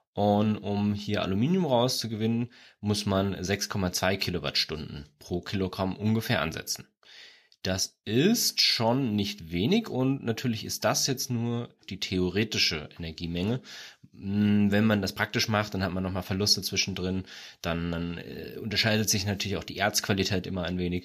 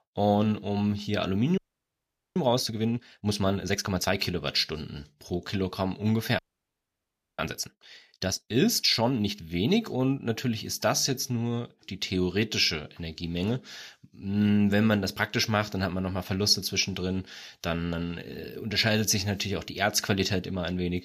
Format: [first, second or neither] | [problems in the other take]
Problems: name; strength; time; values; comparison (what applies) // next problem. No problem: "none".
first | audio freezing; at 1.5 s for 1 s and at 6.5 s for 1 s